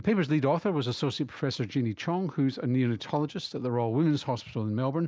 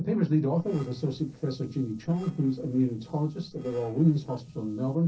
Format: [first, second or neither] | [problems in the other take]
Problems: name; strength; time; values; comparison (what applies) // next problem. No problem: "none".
first | noise reduction (neural separator model SepFormer DNS4)